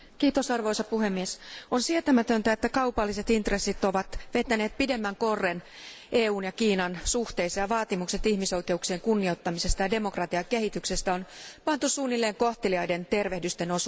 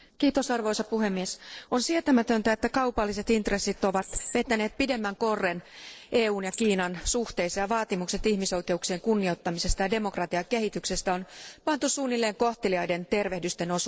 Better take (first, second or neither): first